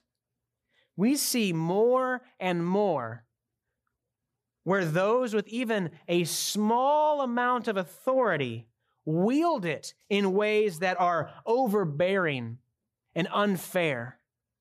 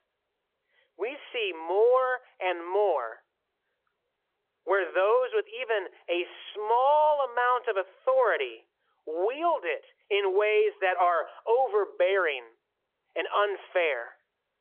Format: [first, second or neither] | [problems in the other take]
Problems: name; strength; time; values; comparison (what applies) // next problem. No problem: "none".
first | phone-call audio; nothing above 3.5 kHz